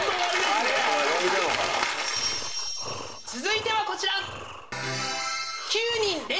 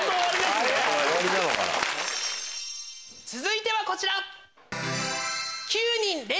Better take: second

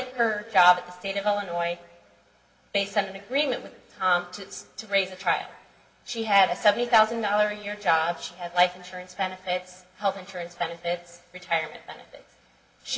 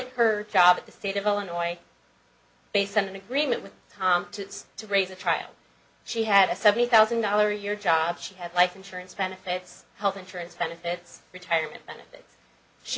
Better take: second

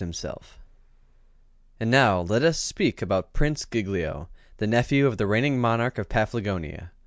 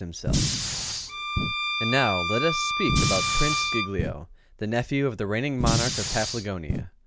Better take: first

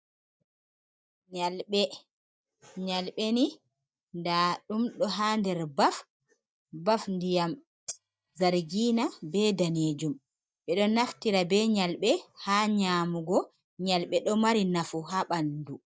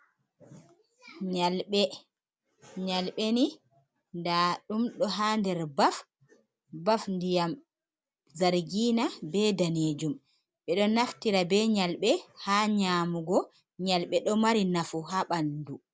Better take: second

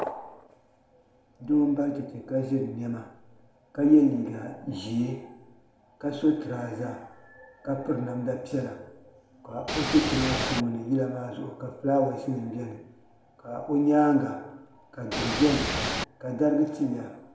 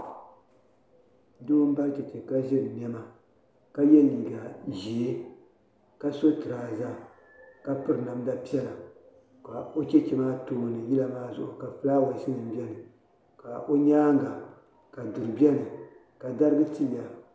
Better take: second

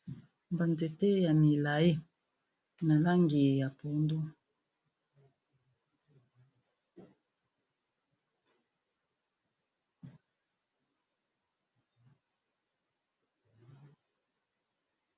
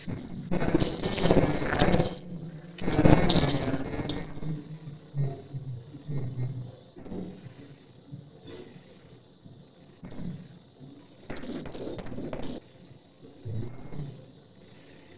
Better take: first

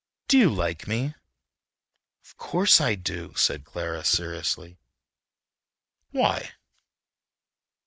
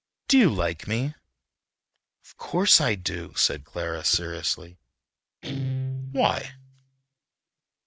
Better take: first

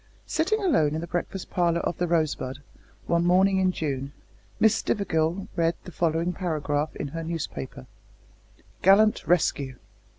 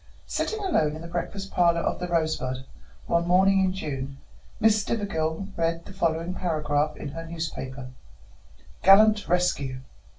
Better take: first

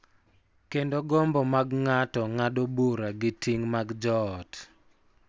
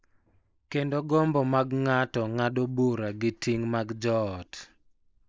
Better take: first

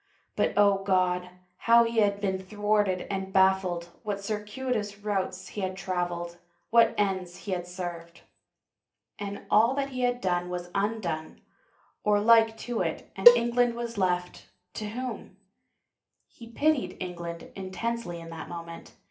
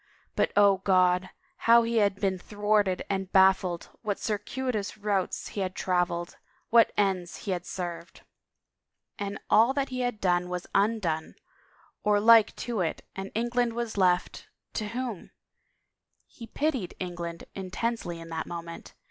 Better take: second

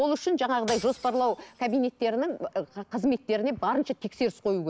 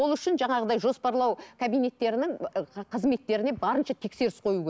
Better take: second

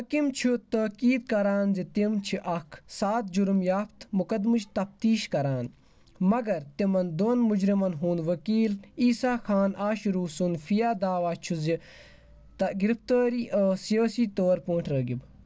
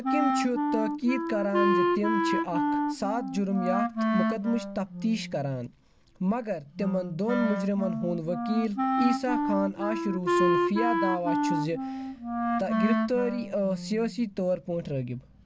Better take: first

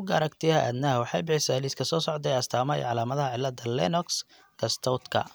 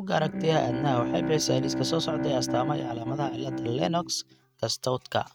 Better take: first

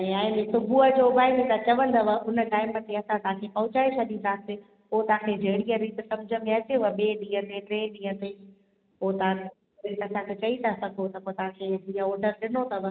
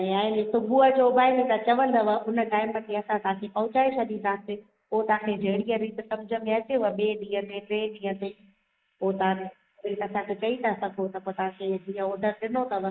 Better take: first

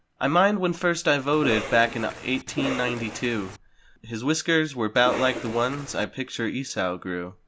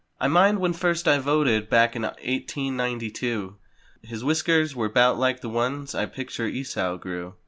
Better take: second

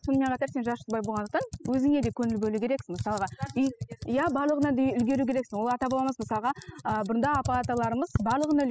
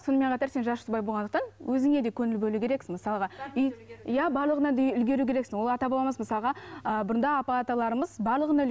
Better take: second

